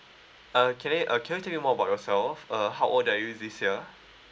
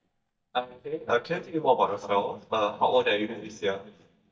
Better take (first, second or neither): first